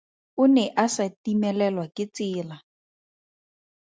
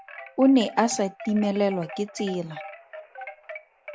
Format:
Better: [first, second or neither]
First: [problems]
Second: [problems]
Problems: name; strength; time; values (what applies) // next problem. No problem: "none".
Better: first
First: none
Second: background sound (Wind chime); 15 dB below the speech